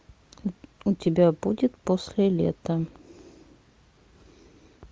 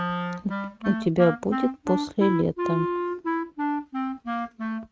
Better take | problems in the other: first | noise reduction (neural mask model RNNoise)

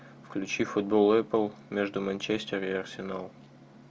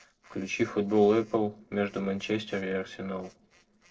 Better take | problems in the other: first | noise reduction (neural separator model SepFormer DNS4)

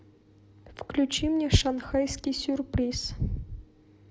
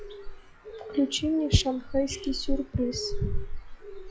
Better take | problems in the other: first | noise reduction (classical method log-MMSE)

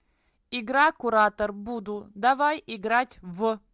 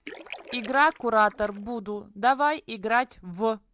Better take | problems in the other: first | background sound (Splash, splatter); 19 dB below the speech

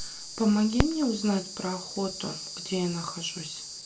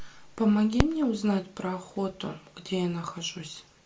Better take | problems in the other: second | background sound (Insect); 11 dB below the speech

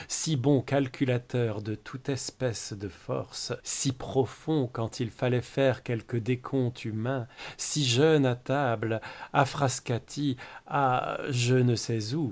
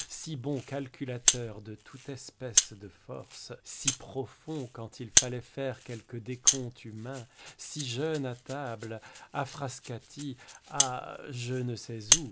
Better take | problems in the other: first | background sound (Rattle (instrument)); 4 dB above the speech

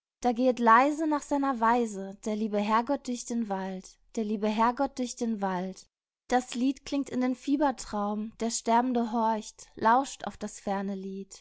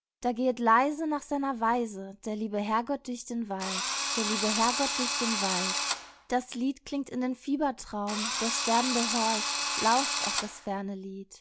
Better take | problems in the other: first | background sound (Drill); 1 dB below the speech

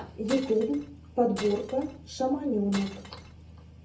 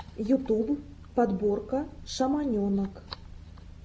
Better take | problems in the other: second | background sound (Glass); 15 dB below the speech // room echo; dies away in 0.3 s

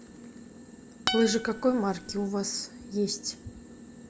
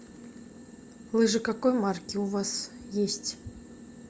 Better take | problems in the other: second | background sound (Acoustic guitar); 5 dB below the speech

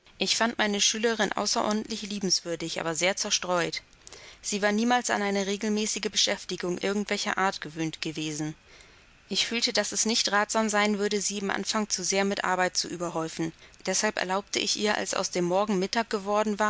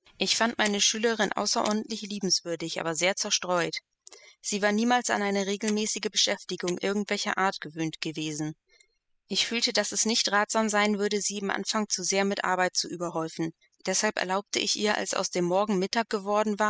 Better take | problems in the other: first | noise reduction (classical method spectral subtraction)

